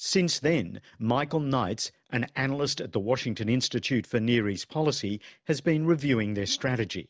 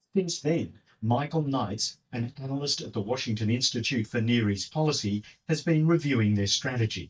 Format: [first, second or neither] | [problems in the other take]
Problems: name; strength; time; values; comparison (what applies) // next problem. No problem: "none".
first | noise reduction (neural mask model DeepFilterNet 3)